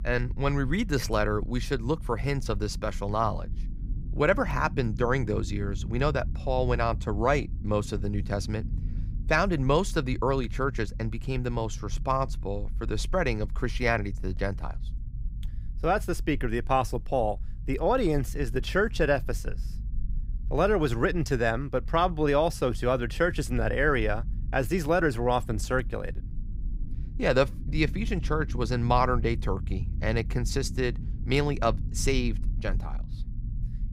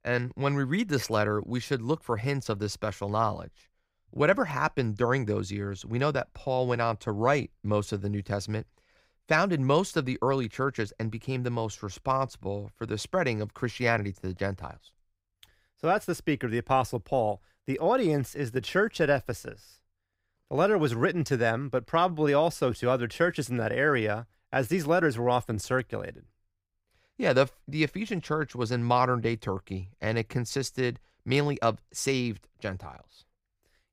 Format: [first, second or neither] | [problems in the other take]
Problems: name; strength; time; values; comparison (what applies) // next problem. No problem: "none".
second | low rumble; faint; throughout; 25 dB below the speech